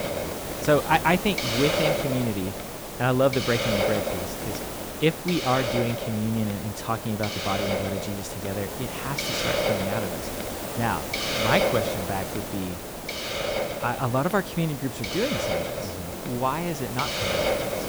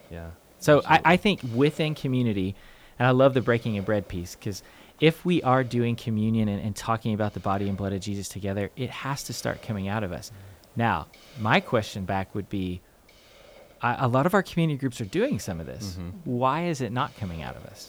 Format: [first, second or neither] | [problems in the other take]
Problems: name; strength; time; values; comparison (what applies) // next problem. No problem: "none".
second | hiss; loud; throughout; 1 dB below the speech; faint in the second